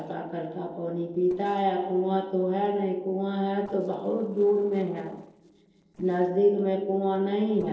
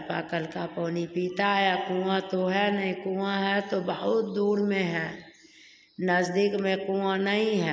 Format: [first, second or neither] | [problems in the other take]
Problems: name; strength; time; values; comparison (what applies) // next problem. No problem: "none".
second | noise reduction (neural separator model SepFormer DNS4)